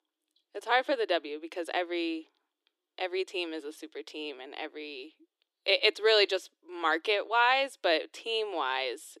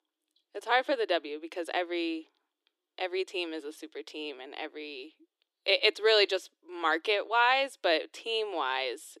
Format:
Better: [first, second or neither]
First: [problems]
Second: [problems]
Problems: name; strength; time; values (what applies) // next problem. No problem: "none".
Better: neither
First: thin; very; fading below 300 Hz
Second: thin; very; fading below 300 Hz